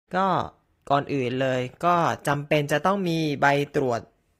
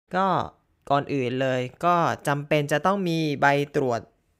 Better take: second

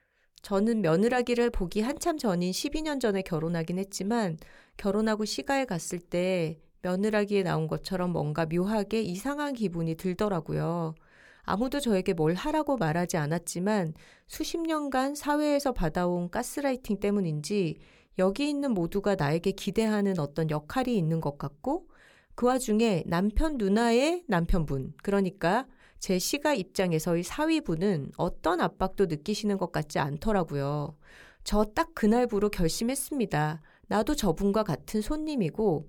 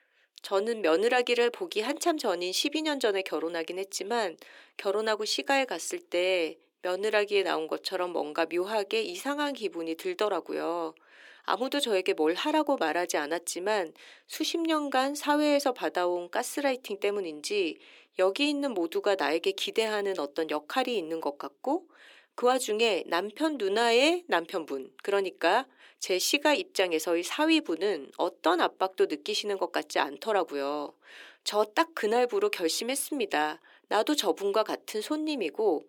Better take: first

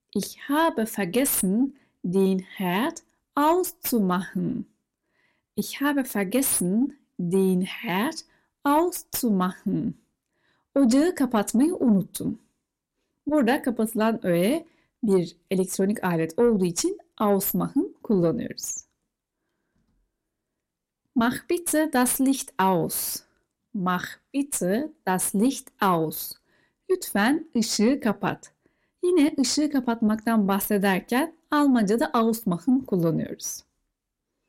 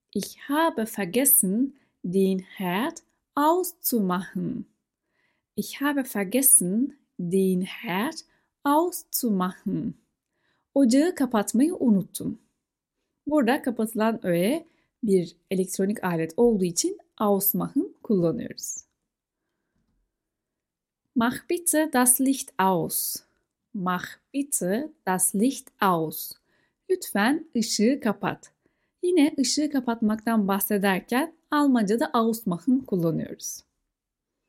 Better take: second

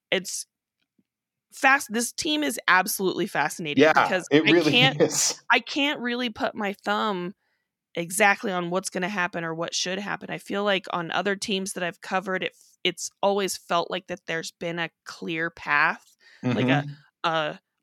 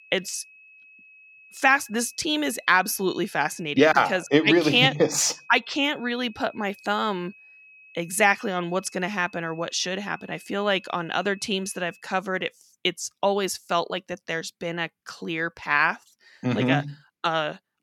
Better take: first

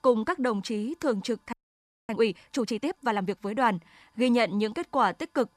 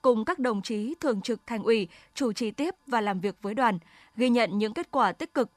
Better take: second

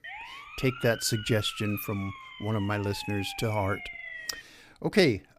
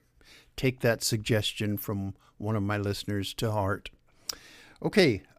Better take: second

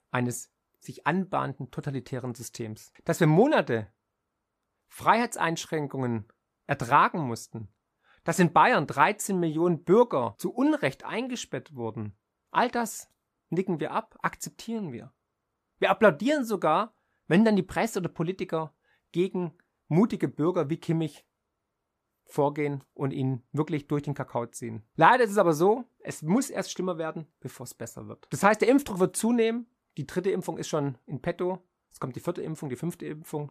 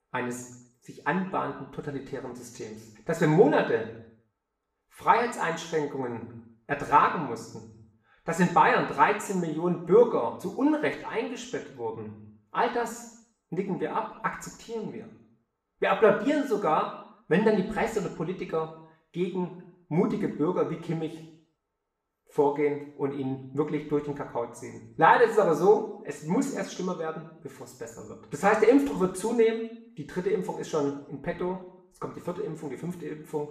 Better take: first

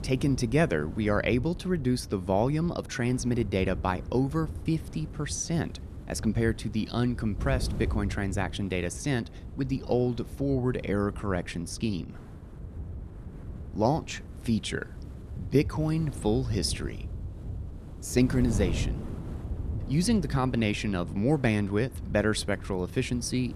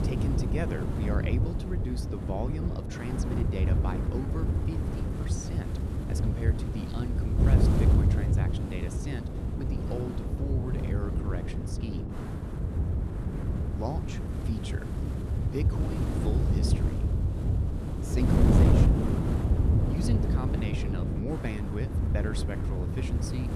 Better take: first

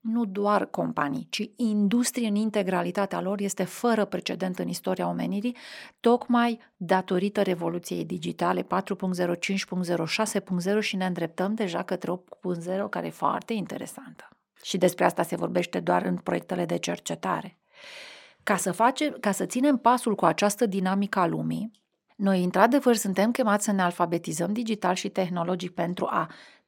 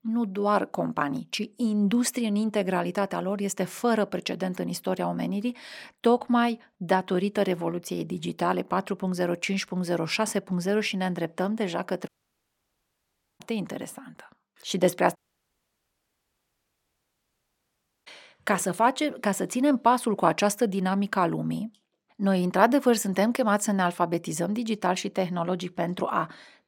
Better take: first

